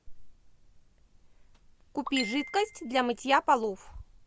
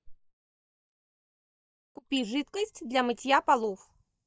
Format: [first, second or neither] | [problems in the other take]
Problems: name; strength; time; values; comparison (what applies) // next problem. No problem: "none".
first | noise reduction (neural mask model DeepFilterNet 3)